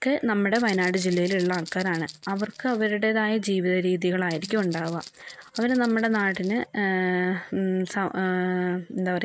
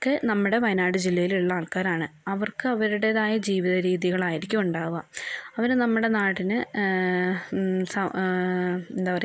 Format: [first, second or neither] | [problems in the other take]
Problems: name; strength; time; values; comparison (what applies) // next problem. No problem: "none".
second | noise reduction (neural mask model RNNoise)